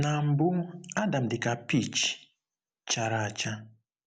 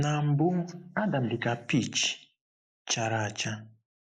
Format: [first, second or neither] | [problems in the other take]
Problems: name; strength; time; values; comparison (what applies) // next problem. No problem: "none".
first | noise reduction (neural mask model Resemble Enhance denoiser)